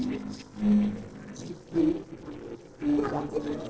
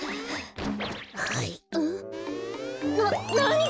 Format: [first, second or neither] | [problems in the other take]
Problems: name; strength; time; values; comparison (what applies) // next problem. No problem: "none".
second | noise reduction (neural separator model SepFormer DNS4)